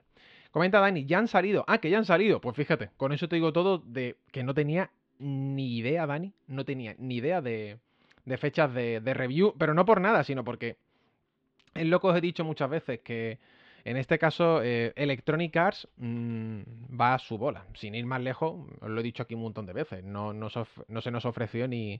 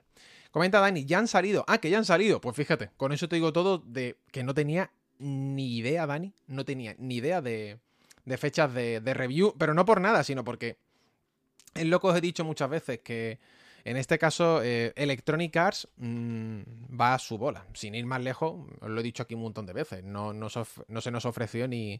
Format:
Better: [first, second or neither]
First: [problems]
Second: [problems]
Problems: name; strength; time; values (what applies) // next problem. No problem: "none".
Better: second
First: muffled; slightly; fading above 3.5 kHz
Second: none